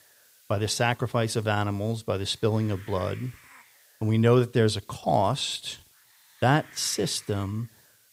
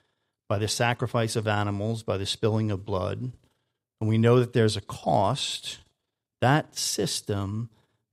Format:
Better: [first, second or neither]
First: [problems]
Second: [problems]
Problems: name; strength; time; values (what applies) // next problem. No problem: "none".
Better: second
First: hiss; faint; throughout; 25 dB below the speech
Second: none